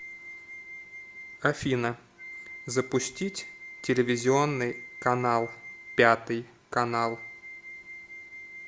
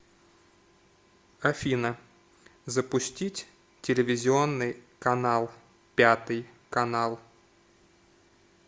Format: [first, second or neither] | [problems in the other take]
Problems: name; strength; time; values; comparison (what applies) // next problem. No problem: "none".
second | background sound (Wind instrument, woodwind instrument); 15 dB below the speech